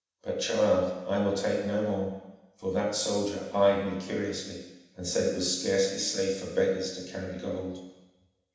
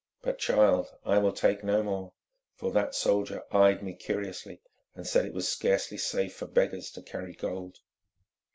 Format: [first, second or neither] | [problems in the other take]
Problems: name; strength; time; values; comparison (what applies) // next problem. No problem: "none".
second | room echo; dies away in 1.1 s